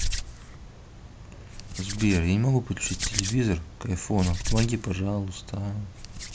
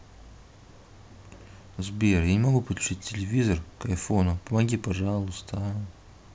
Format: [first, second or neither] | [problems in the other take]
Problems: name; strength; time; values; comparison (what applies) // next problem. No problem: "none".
second | background sound (Hands); 6 dB below the speech